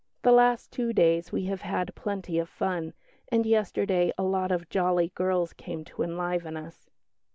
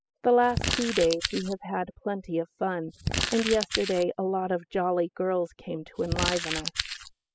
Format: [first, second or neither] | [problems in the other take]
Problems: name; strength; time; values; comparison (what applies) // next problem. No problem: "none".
first | noise reduction (classical method spectral subtraction)